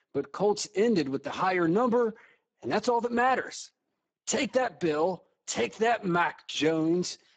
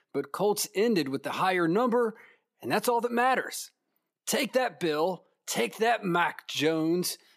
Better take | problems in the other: second | garbled, watery; badly; nothing above 7.5 kHz

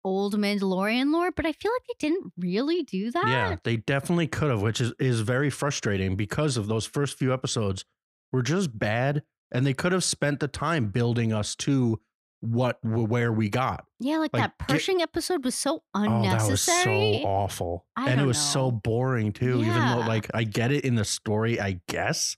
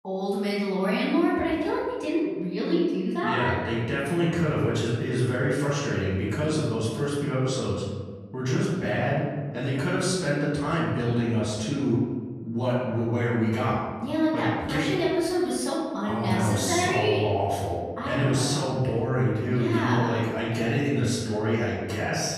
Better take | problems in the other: first | room echo; noticeable; dies away in 1.4 s // off-mic speech; far

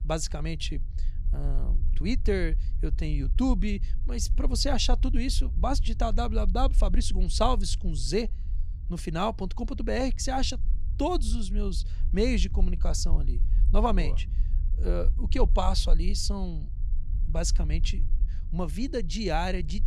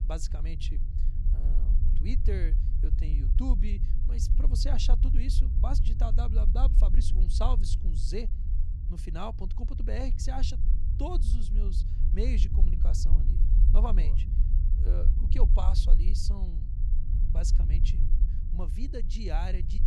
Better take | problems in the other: first | low rumble; loud; throughout; 8 dB below the speech; faint in the first

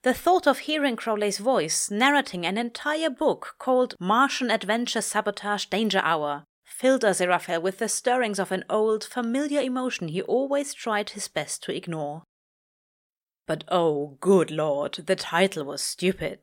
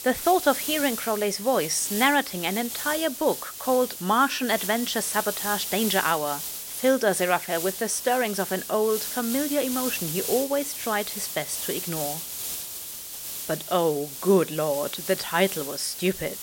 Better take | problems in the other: first | hiss; loud; throughout; 6 dB below the speech

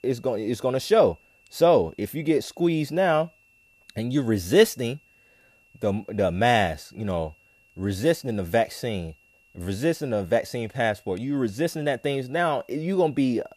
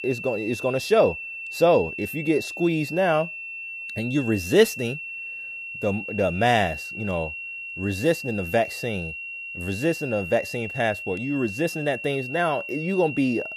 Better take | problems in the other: first | high-pitched whine; loud; throughout; 2.5 kHz, 8 dB below the speech; faint in the first

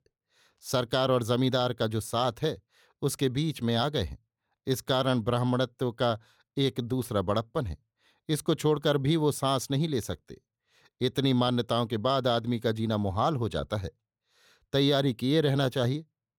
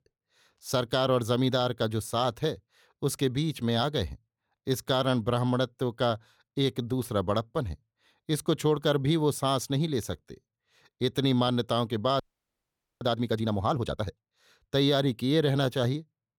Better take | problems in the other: first | audio freezing; at 12 s for 1 s

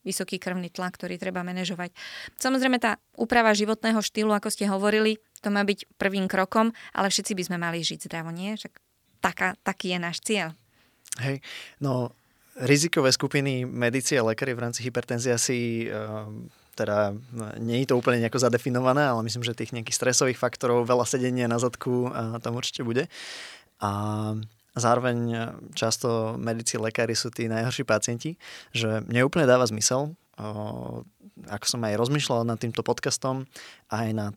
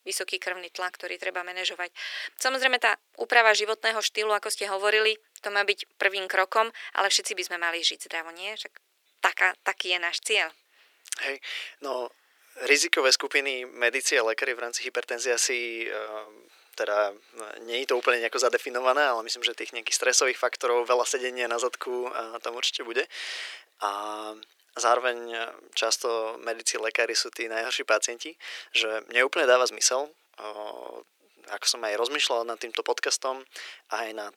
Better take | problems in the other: first | thin; very; fading below 350 Hz

